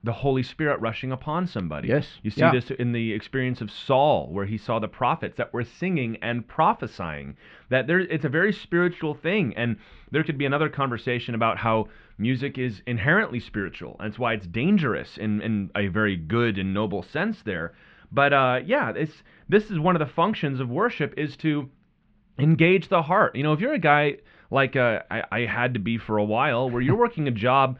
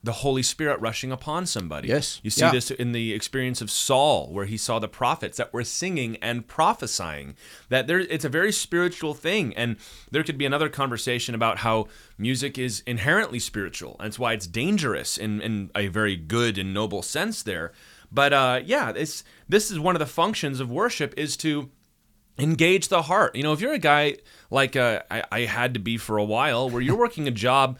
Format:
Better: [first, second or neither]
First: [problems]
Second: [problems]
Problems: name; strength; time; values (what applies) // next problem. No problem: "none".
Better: second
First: muffled; very; fading above 3 kHz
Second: none